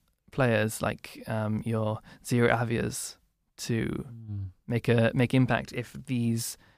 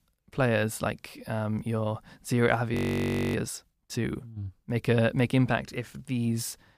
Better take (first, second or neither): first